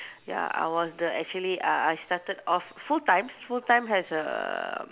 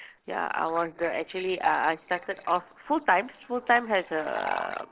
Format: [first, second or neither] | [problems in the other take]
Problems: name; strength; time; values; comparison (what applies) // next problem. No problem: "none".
first | noise reduction (neural separator model SepFormer DNS4)